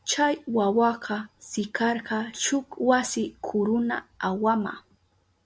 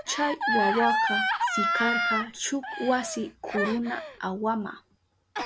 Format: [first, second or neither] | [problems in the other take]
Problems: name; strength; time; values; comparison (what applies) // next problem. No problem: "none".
first | background sound (Gasp); 1 dB above the speech